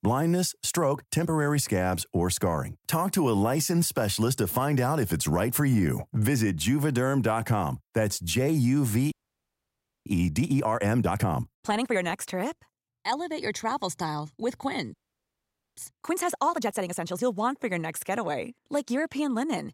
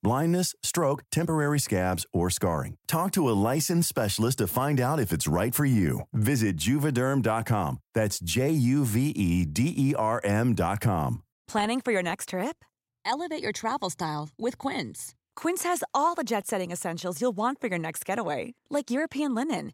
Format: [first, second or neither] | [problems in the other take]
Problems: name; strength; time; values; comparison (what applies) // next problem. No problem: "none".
second | audio freezing; at 9 s for 1 s and at 15 s for 1 s